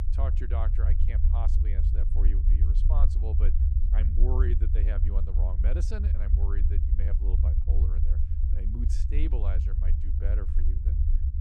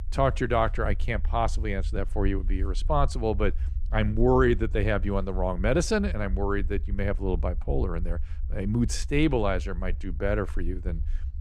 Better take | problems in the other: second | low rumble; loud; throughout; 2 dB below the speech; faint in the second

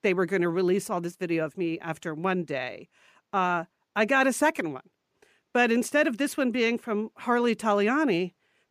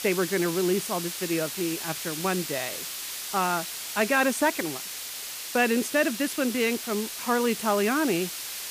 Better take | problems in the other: first | hiss; loud; throughout; 6 dB below the speech

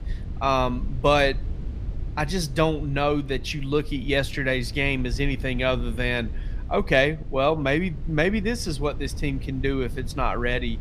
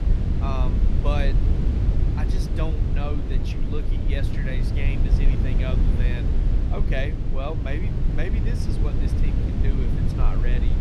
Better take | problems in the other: first | low rumble; loud; throughout; 1 dB below the speech; faint in the first

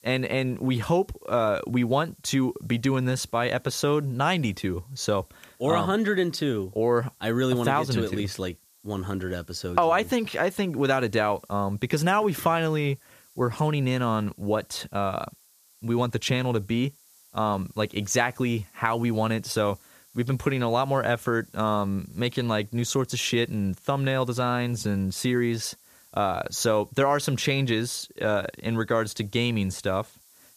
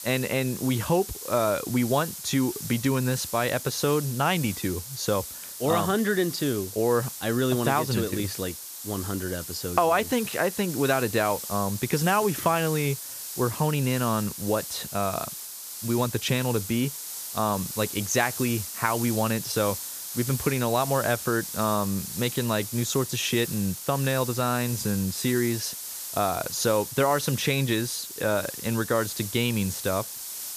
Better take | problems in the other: first | hiss; loud; throughout; 7 dB below the speech; faint in the first

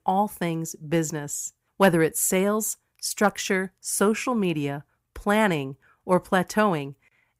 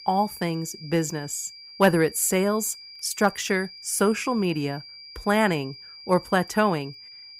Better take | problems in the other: first | high-pitched whine; noticeable; throughout; 5 kHz, 15 dB below the speech

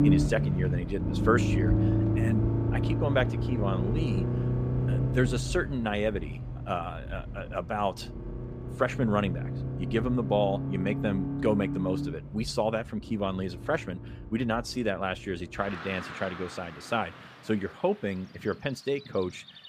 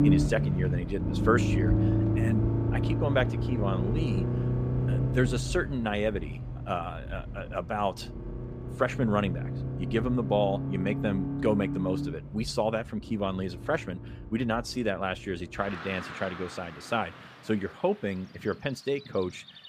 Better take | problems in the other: neither | traffic noise; very loud; throughout; as loud as the speech; the same in both

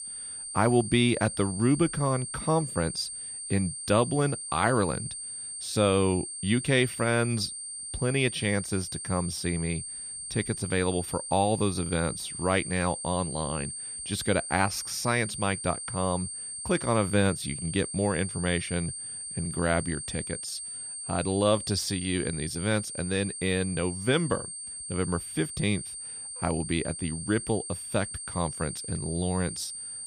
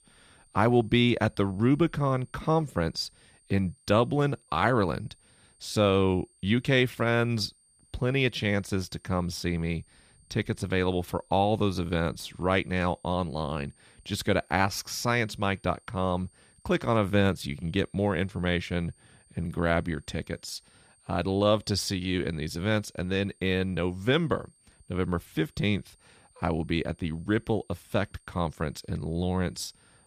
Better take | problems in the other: second | high-pitched whine; loud; throughout; 8.5 kHz, 6 dB below the speech; faint in the second

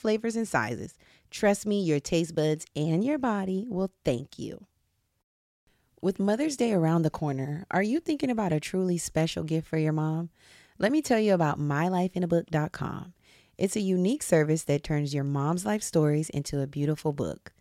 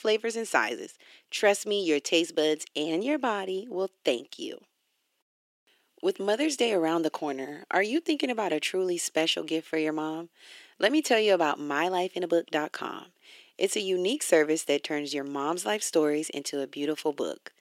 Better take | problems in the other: first | thin; somewhat; fading below 300 Hz

